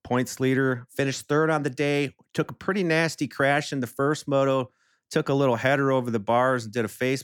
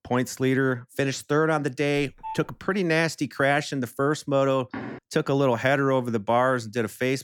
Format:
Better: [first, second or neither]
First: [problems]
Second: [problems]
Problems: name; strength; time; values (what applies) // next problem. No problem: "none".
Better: first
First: none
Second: phone ringing; faint; at 2 s; peak 15 dB below the speech // door banging; faint; at 4.5 s; peak 10 dB below the speech